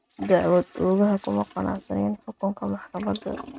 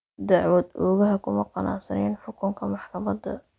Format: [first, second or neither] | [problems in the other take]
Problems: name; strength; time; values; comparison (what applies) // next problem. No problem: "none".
second | noise reduction (neural mask model RNNoise)